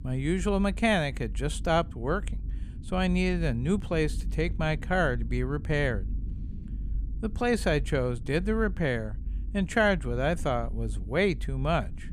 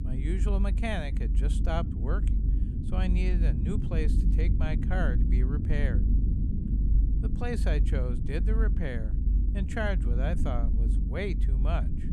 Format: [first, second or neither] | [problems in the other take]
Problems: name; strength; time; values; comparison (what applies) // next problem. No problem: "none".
first | low rumble; loud; throughout; 6 dB below the speech; faint in the first